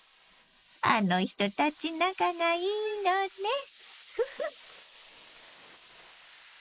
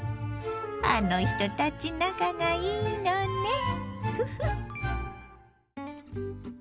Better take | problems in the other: second | noise reduction (neural mask model Resemble Enhance denoiser)

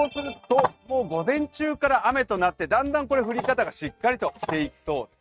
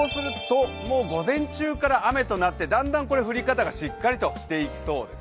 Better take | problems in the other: second | noise reduction (neural mask model RNNoise)

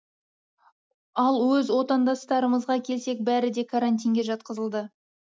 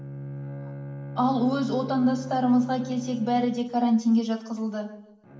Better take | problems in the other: first | background sound (Bowed string instrument); 13 dB below the speech // room echo; dies away in 0.9 s

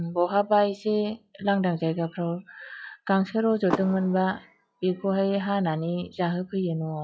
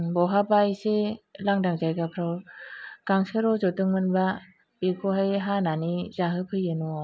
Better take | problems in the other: second | noise reduction (classical method log-MMSE)

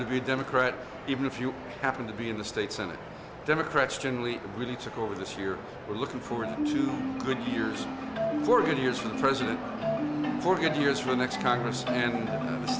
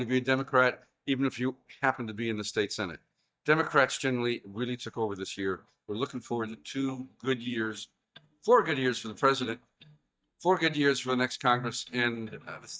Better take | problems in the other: first | noise reduction (neural mask model DeepFilterNet 3)

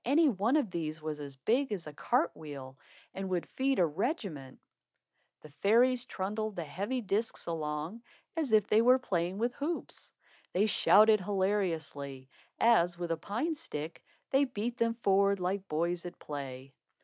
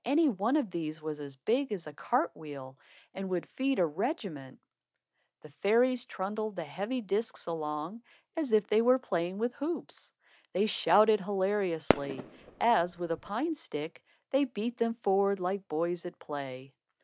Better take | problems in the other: first | background sound (Fireworks); 3 dB below the speech

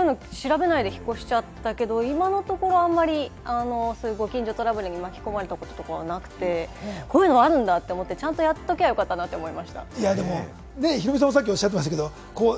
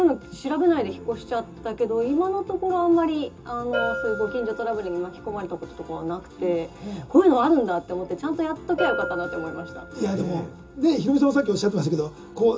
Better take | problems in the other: first | background sound (Bell); 13 dB below the speech // room echo; dies away in 0.2 s

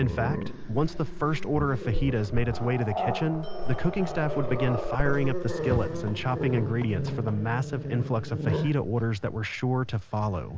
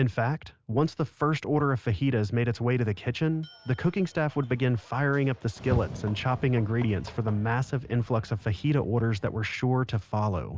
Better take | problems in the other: second | background sound (Growling); 3 dB below the speech

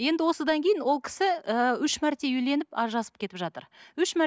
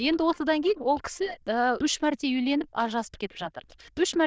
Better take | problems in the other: first | noise reduction (neural diffusion model UNIVERSE++)

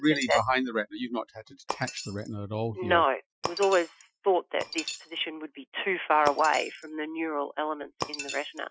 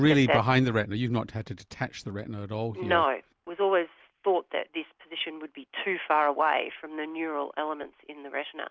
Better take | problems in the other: second | noise reduction (classical method Wiener filter)

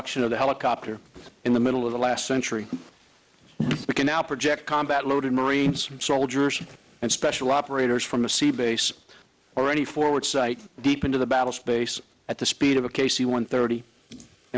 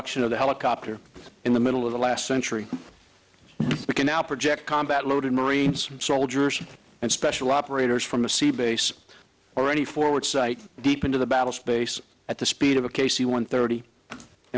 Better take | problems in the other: second | noise reduction (neural mask model Resemble Enhance denoiser)

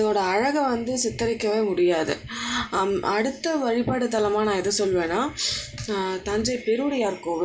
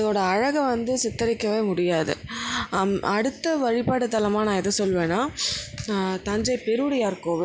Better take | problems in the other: second | room echo; dies away in 0.2 s

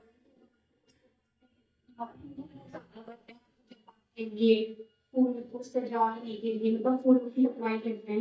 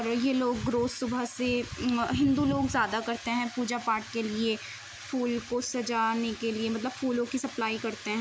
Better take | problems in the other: second | noise reduction (neural mask model DeepFilterNet 3)

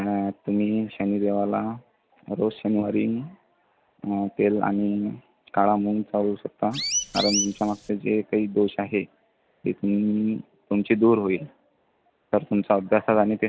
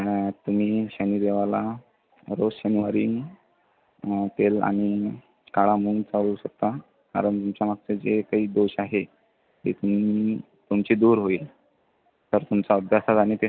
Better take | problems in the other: second | background sound (Chirp, tweet); 4 dB below the speech

